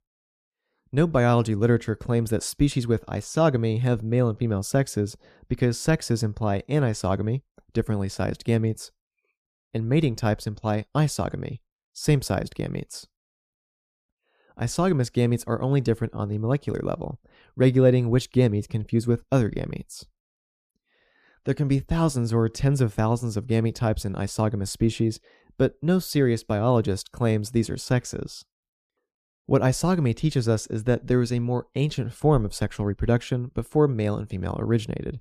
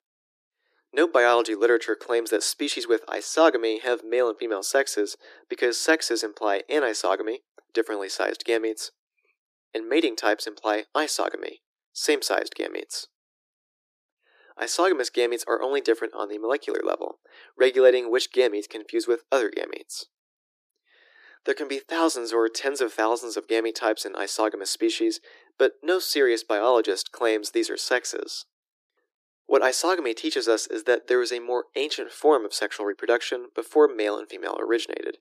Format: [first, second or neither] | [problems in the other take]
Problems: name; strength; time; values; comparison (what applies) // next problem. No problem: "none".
first | thin; very; fading below 300 Hz